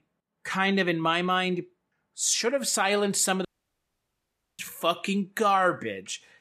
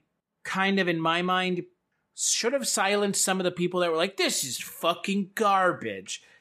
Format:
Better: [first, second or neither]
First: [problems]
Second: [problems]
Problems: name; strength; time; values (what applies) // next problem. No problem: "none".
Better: second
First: audio cutting out; at 3.5 s for 1 s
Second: none